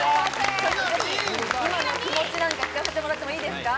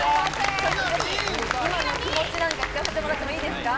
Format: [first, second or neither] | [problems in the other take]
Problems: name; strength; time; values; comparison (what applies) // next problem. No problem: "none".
first | background sound (Motorcycle / Accelerating, revving, vroom); 11 dB below the speech